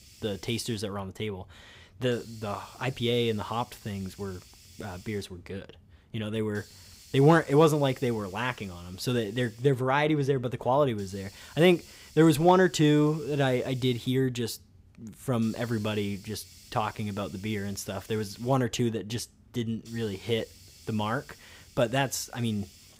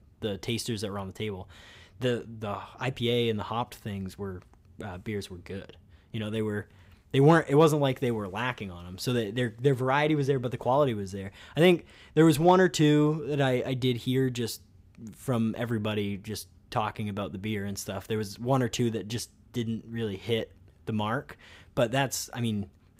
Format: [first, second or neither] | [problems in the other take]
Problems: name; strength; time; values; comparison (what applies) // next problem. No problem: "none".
second | hiss; faint; throughout; 25 dB below the speech